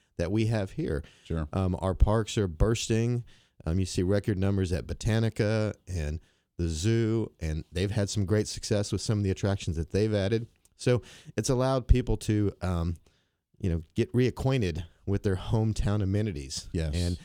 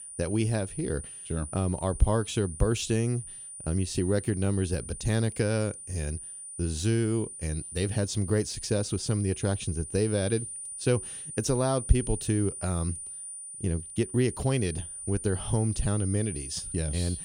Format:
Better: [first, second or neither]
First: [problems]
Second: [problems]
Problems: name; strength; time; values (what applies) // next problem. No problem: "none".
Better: first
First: none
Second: high-pitched whine; loud; throughout; 9.5 kHz, 9 dB below the speech